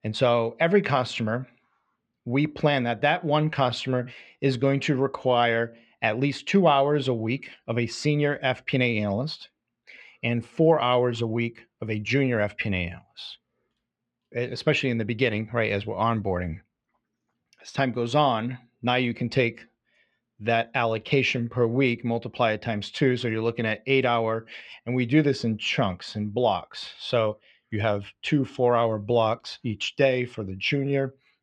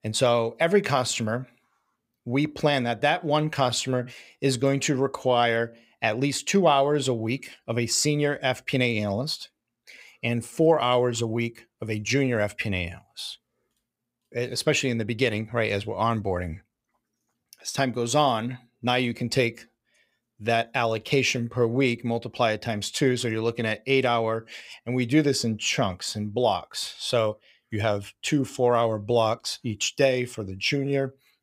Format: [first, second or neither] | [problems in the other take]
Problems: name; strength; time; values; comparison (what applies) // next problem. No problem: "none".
second | muffled; slightly; fading above 3 kHz